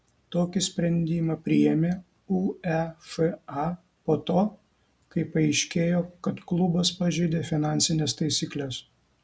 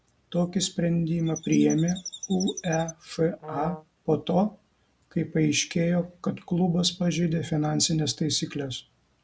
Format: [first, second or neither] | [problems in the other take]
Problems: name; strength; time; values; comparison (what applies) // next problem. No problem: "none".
first | background sound (Brass instrument + Chirp, tweet); 13 dB below the speech